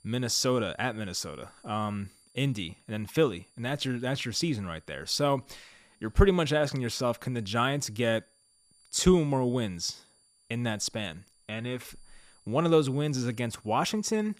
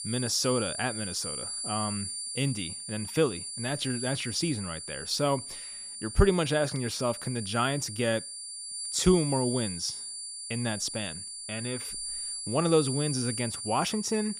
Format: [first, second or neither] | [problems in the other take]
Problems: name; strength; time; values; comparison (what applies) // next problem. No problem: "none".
first | high-pitched whine; loud; throughout; 9.5 kHz, 5 dB below the speech; faint in the first